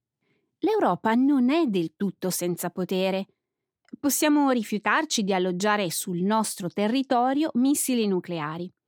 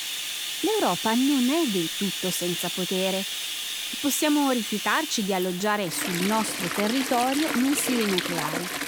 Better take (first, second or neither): first